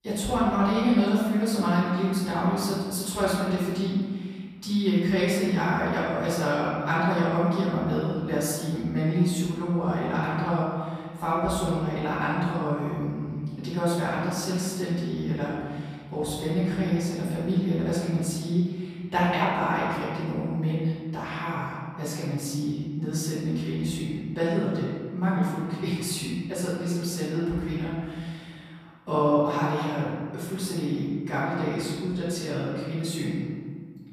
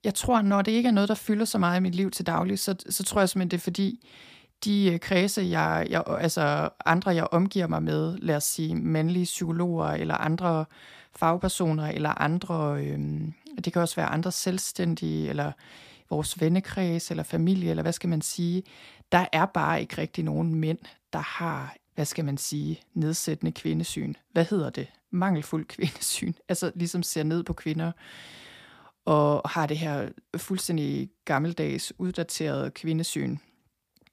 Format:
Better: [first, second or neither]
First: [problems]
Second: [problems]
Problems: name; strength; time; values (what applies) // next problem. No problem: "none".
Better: second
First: off-mic speech; far // room echo; strong; dies away in 1.7 s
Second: none